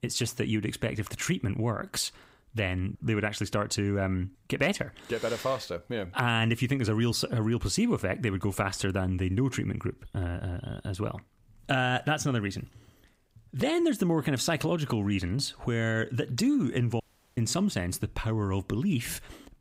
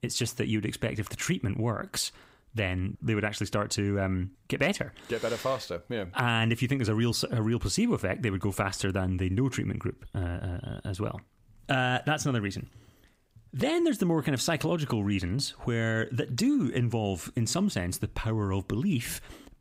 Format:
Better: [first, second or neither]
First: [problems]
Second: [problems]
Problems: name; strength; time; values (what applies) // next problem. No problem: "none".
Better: second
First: audio cutting out; at 17 s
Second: none